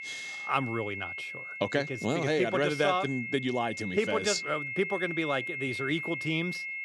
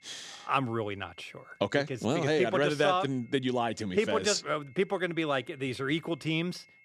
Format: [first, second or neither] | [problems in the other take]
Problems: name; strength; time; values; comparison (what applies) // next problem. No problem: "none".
second | high-pitched whine; loud; throughout; 2 kHz, 6 dB below the speech; faint in the second